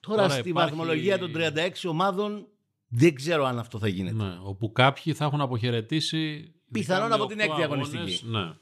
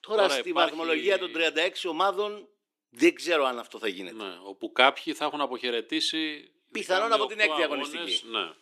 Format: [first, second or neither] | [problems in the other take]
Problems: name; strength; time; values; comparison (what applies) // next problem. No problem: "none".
first | thin; somewhat; fading below 300 Hz